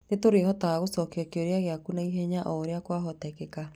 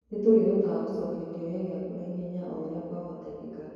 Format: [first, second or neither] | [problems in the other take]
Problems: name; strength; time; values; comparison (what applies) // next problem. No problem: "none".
first | room echo; dies away in 2.2 s